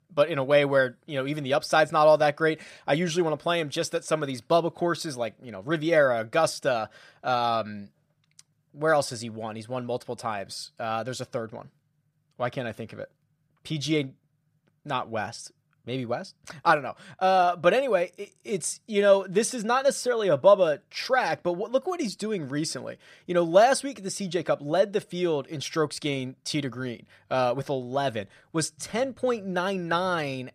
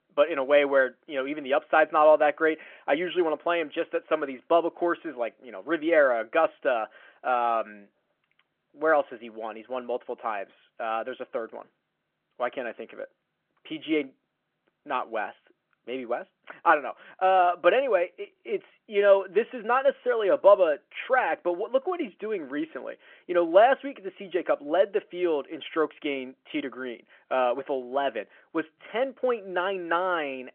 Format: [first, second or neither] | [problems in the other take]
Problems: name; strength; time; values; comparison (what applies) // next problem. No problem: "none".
first | phone-call audio